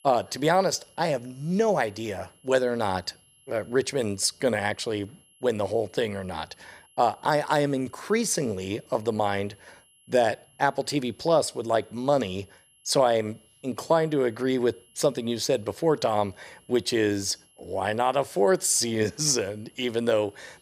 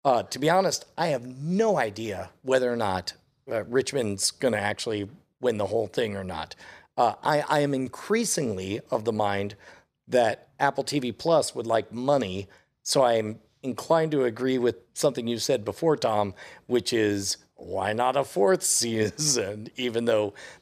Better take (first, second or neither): second